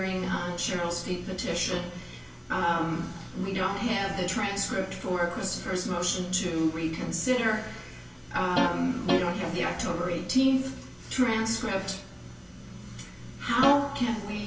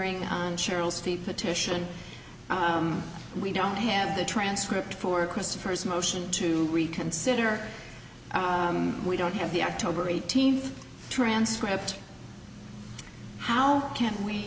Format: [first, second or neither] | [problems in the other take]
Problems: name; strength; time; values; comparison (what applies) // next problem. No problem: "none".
second | background sound (Guitar); 1 dB below the speech // room echo; dies away in 0.3 s